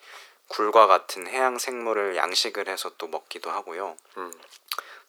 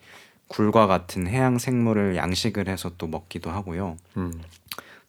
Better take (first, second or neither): second